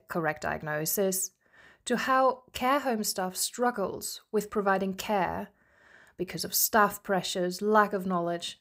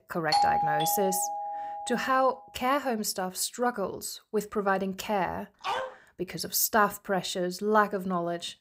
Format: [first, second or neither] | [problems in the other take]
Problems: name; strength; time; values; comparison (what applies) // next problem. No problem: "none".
first | doorbell; loud; until 2 s; peak 4 dB above the speech // dog barking; noticeable; at 5.5 s; peak 4 dB below the speech